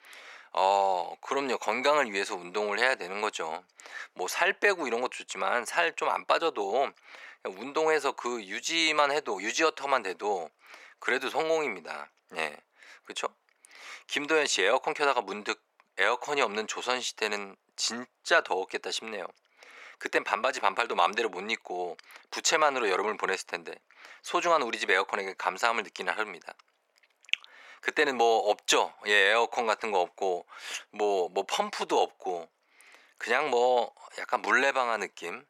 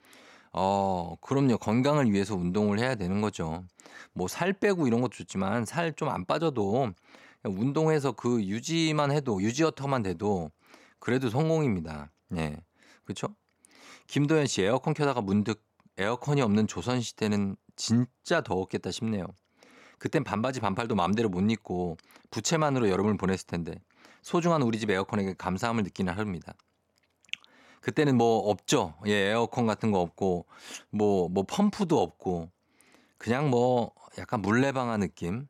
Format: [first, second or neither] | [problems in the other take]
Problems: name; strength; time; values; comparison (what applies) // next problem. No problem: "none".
second | thin; very; fading below 450 Hz